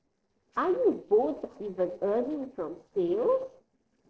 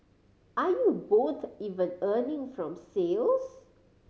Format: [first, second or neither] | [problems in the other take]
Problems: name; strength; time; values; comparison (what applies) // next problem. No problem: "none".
second | noise reduction (neural separator model SepFormer DNS4)